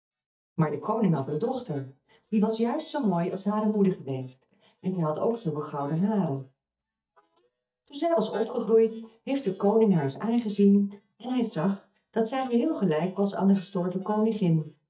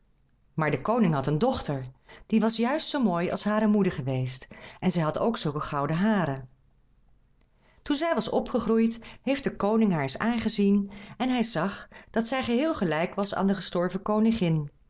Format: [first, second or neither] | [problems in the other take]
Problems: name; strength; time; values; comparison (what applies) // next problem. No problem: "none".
second | noise reduction (neural mask model DeepFilterNet 3)